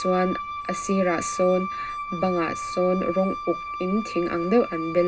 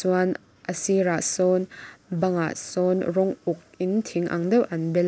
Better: second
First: background sound (Wind instrument, woodwind instrument); 7 dB below the speech // room echo; dies away in 0.2 s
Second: none

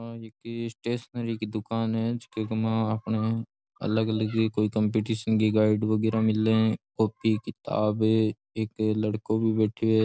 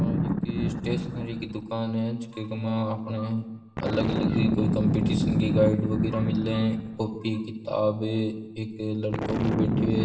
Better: first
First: none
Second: background sound (Boom); 1 dB below the speech // room echo; dies away in 1.1 s

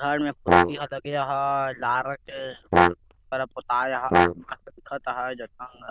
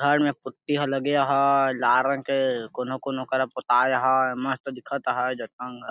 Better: second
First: noise reduction (neural diffusion model UNIVERSE++)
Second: none

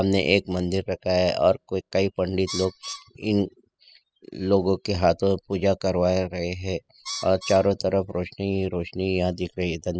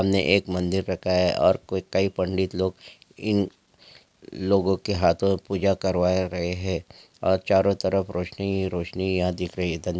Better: second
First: noise reduction (classical method spectral subtraction)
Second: none

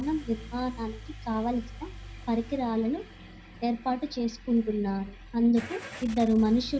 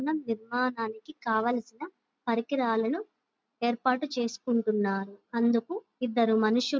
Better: second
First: background sound (Engine starting / Car); 15 dB below the speech // room echo; dies away in 0.4 s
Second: none

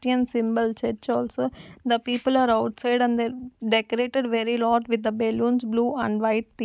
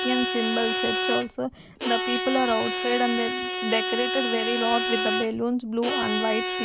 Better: first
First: none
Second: background sound (Bowed string instrument); 1 dB below the speech

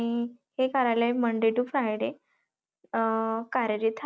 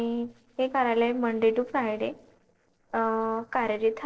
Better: first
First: none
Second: noise reduction (neural separator model SepFormer DNS4)

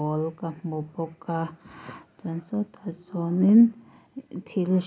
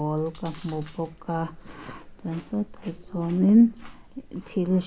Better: first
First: none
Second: background sound (Chewing, mastication); 19 dB below the speech

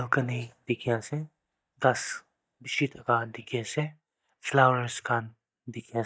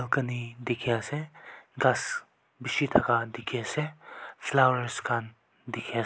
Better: second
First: noise reduction (neural mask model DeepFilterNet 3)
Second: none

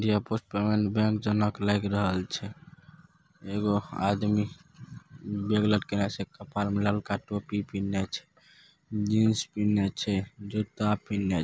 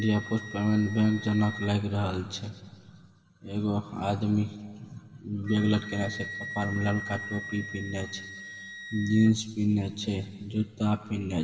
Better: first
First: none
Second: background sound (Wind instrument, woodwind instrument); 14 dB below the speech // room echo; dies away in 2 s

